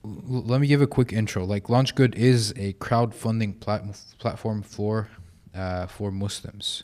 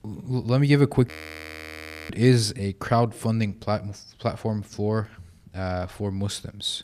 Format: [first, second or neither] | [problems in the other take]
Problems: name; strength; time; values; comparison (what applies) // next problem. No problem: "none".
first | audio freezing; at 1 s for 1 s